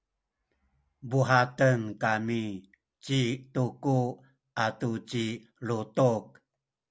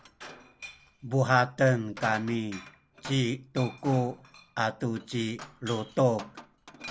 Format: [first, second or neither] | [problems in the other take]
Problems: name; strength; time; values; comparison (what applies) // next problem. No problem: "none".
first | background sound (Glass); 17 dB below the speech